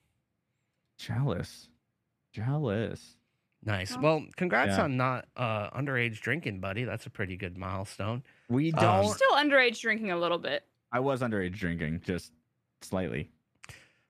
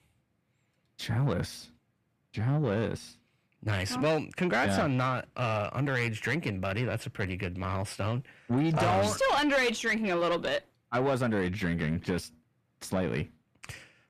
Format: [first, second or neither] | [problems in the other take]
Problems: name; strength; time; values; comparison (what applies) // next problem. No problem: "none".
first | distortion; heavy; 7 dB below the speech